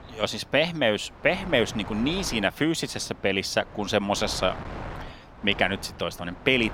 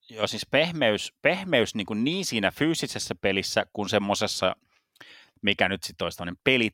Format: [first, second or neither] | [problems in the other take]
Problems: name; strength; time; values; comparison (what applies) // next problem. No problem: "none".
second | wind noise on the microphone; occasional gusts; 15 dB below the speech